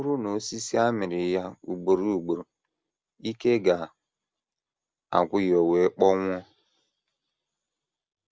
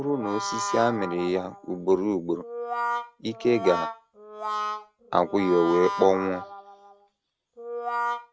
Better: first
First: none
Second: background sound (Brass instrument); 6 dB below the speech

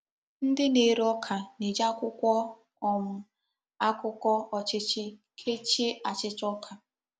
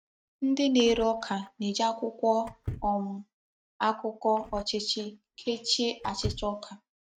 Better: first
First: none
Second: noise reduction (neural mask model RNNoise)

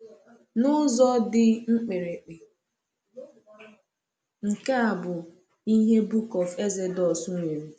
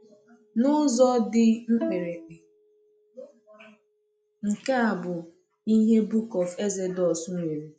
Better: first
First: none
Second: noise reduction (classical method log-MMSE)

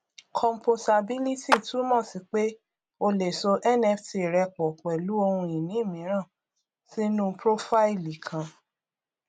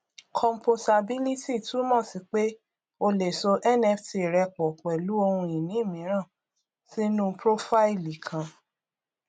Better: second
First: background sound (Clapping); 4 dB below the speech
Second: none

